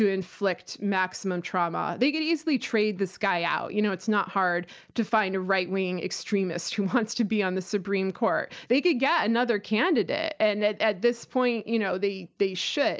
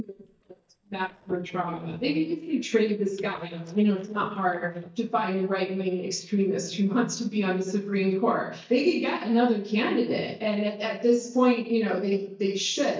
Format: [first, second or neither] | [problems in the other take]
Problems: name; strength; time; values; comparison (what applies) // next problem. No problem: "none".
first | noise reduction (neural mask model DeepFilterNet 3)